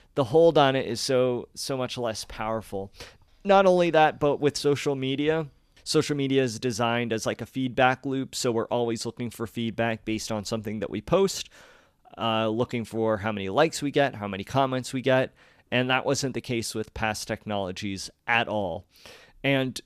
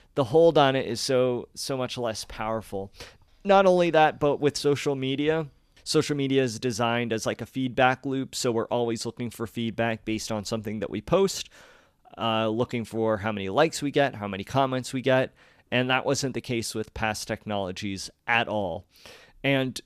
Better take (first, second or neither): neither